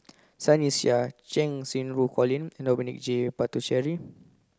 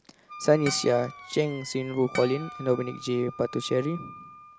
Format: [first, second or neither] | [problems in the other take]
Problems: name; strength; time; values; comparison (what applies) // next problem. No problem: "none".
first | background sound (Wind instrument, woodwind instrument + Harp); 14 dB below the speech